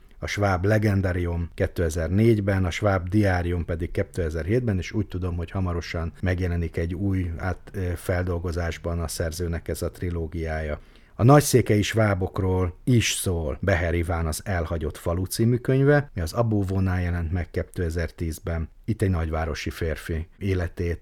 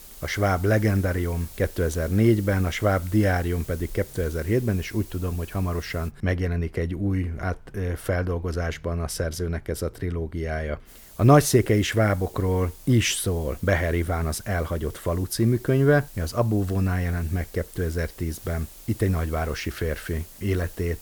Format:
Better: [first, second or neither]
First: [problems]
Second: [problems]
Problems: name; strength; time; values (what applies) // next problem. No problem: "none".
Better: first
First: none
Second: hiss; noticeable; until 6 s and from 11 s on; 20 dB below the speech